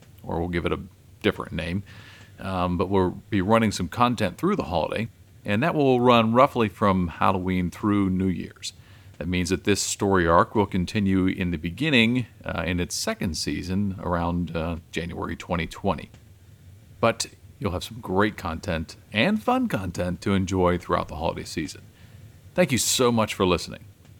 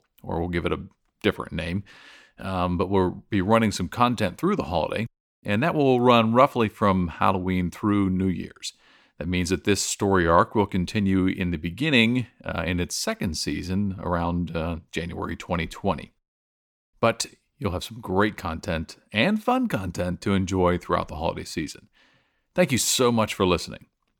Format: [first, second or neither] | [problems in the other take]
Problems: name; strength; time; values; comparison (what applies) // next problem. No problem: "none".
second | hiss; faint; throughout; 25 dB below the speech